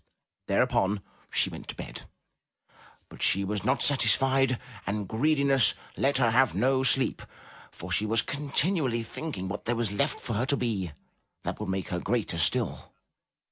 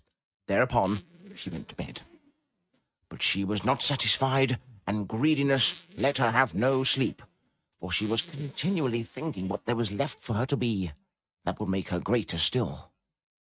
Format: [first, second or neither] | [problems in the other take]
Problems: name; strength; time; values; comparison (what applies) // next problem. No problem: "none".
first | noise reduction (neural mask model RNNoise)